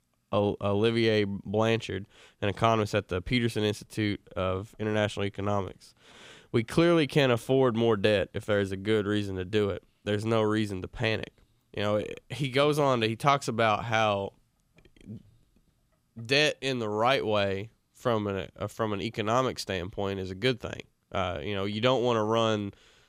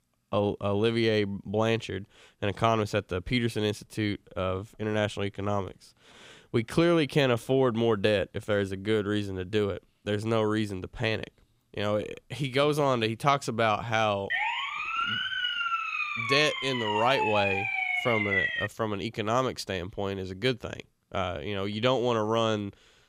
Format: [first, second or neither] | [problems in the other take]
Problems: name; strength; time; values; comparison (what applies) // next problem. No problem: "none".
first | siren; loud; from 14 to 19 s; peak 2 dB above the speech